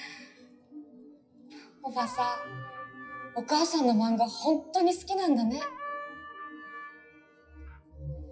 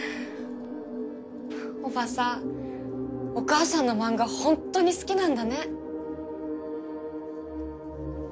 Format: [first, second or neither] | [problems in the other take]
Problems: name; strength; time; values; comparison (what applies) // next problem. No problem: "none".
second | noise reduction (classical method WPE with log-MMSE)